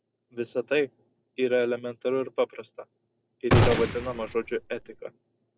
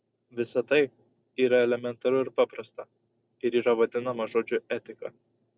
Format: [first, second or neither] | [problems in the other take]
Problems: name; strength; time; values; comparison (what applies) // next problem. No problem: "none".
second | background sound (Gunshot, gunfire); 4 dB above the speech